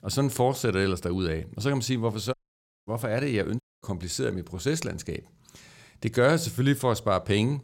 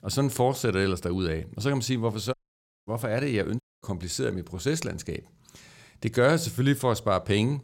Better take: neither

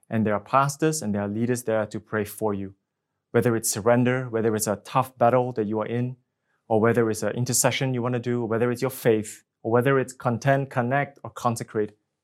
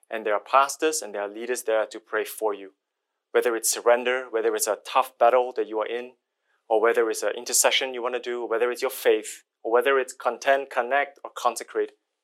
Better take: first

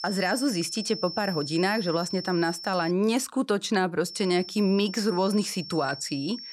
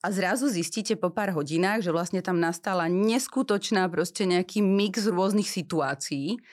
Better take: second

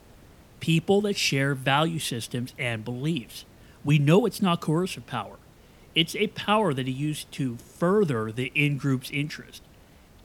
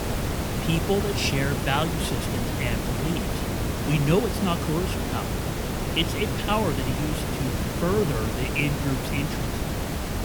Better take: first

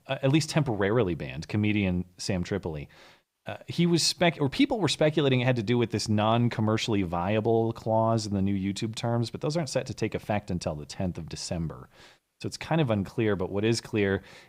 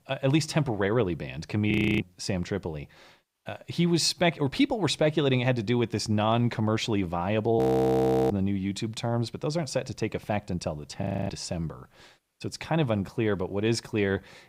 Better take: first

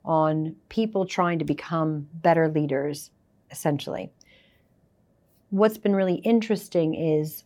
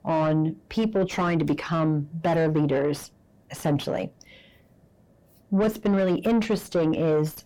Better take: first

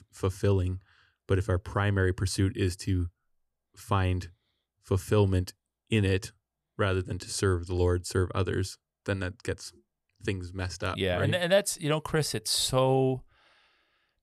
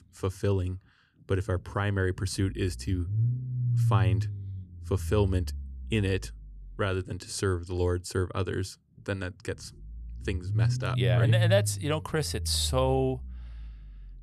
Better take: first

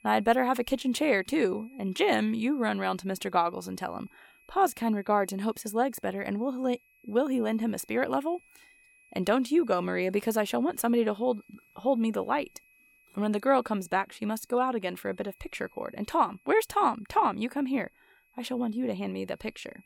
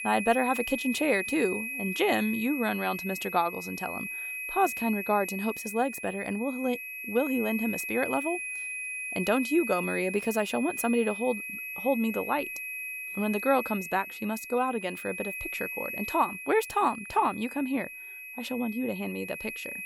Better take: first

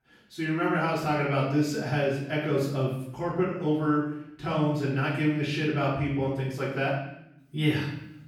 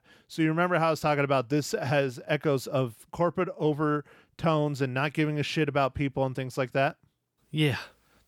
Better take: second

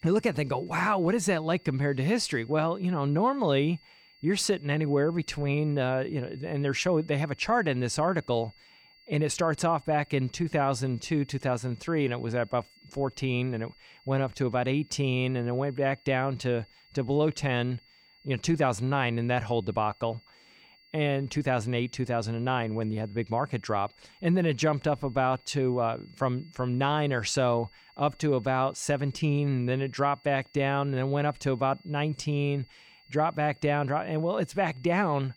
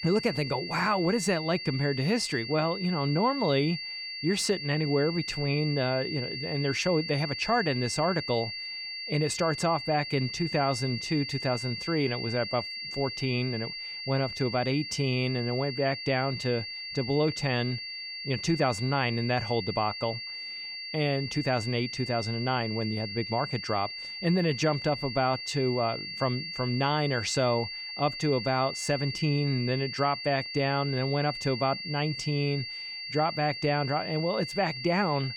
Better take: first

